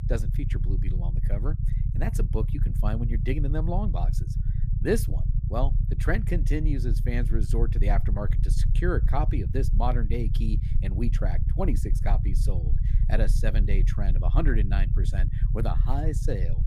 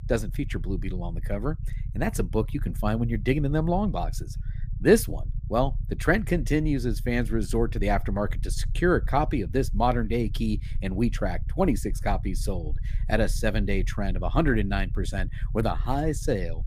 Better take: second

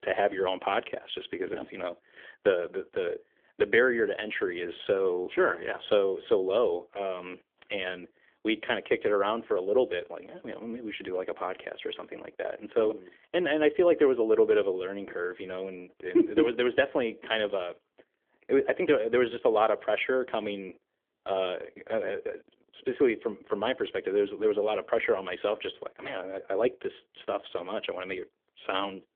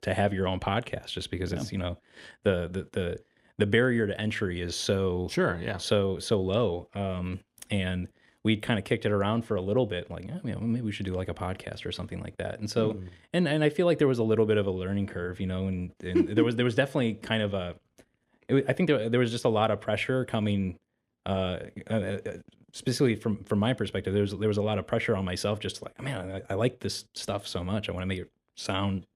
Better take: second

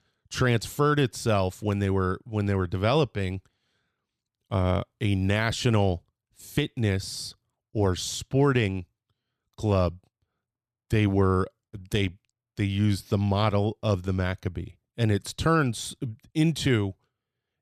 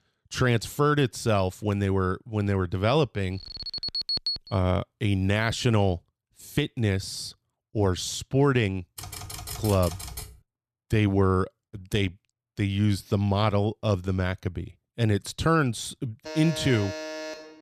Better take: first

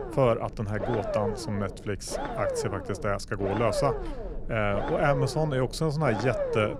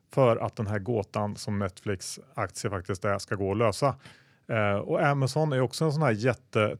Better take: second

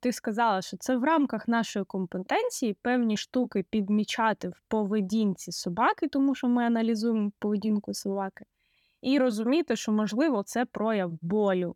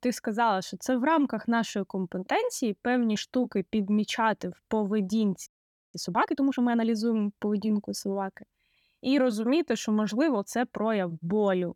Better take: first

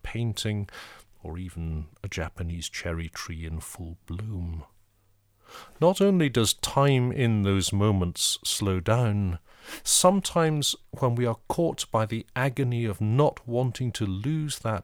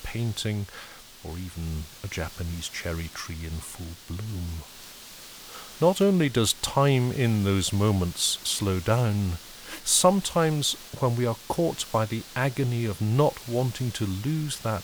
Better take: first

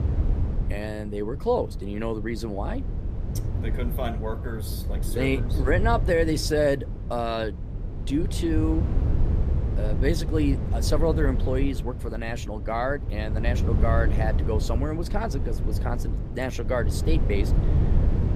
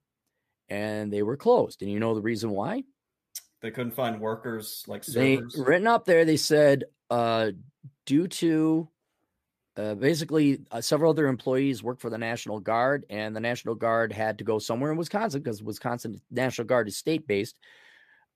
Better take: second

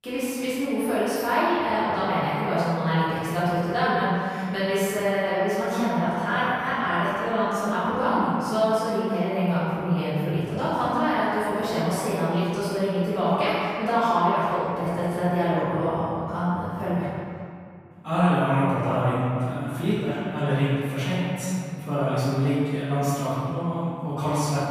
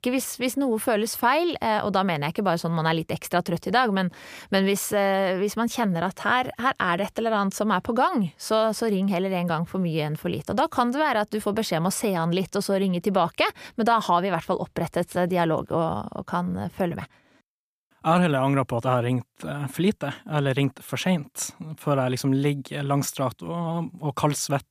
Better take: second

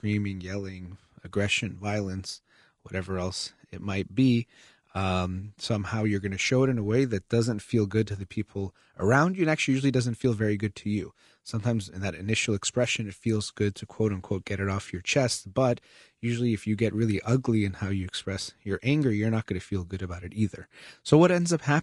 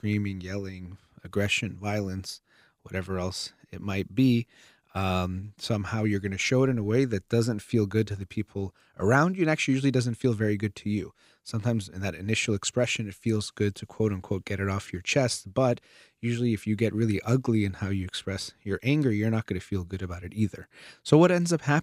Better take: second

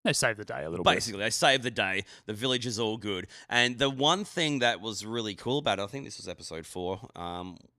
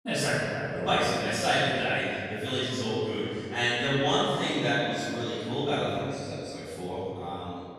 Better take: first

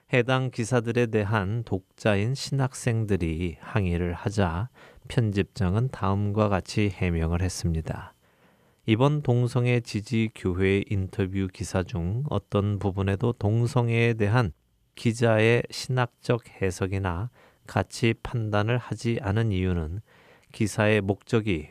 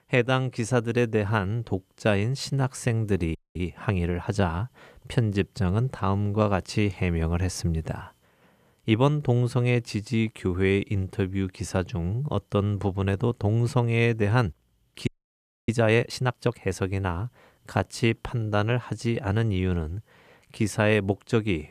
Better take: first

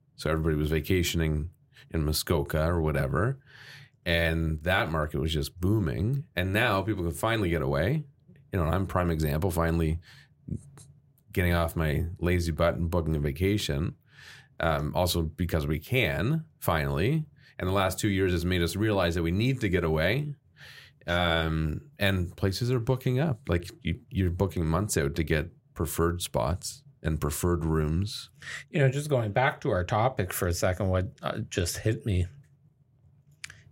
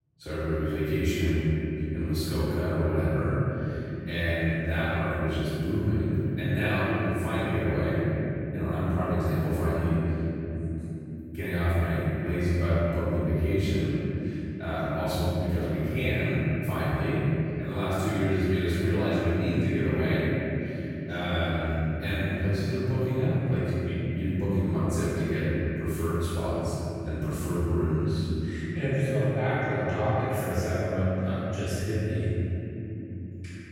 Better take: first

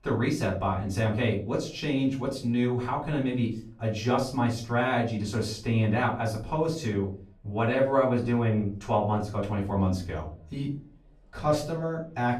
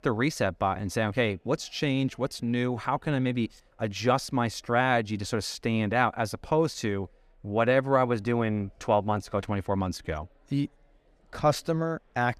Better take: second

